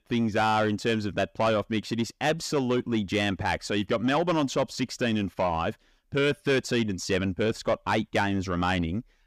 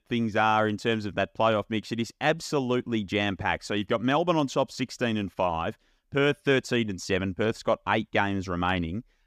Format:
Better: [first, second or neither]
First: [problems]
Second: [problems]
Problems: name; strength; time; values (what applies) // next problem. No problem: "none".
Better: second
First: distortion; slight; 10 dB below the speech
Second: none